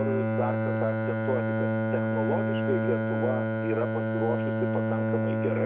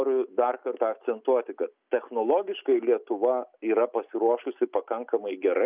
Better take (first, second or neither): second